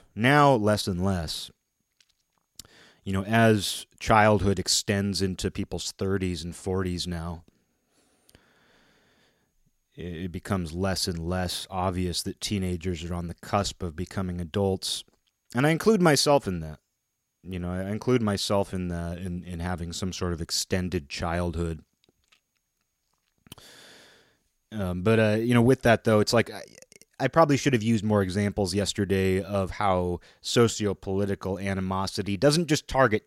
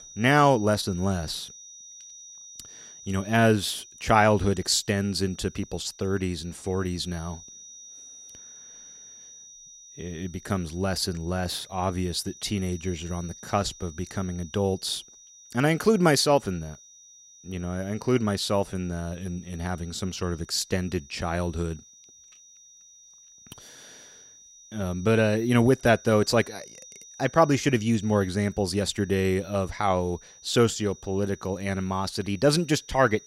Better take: first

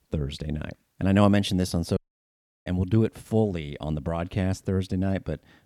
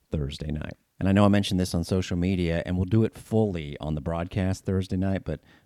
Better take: second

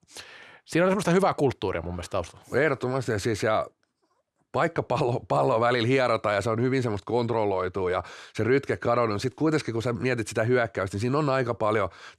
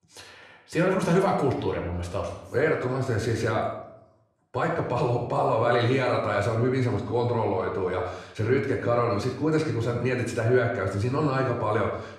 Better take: first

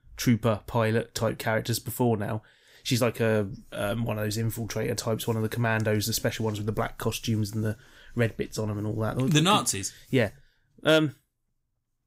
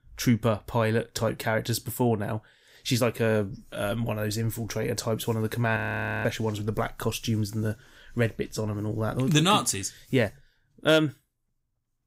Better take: first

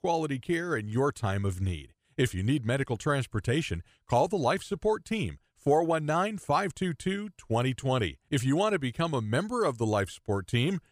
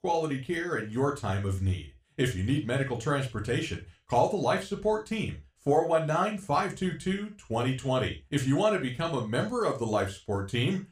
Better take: first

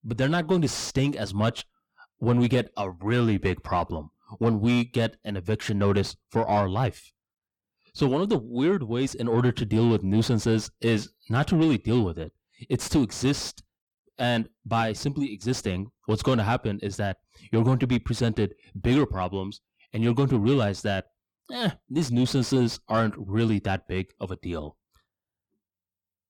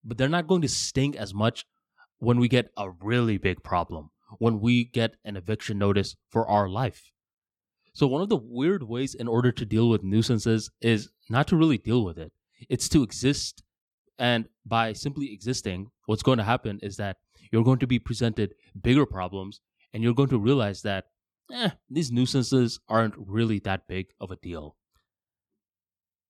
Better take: second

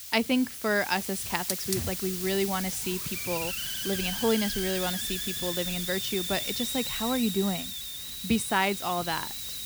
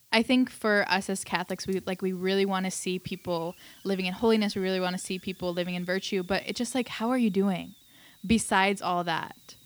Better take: second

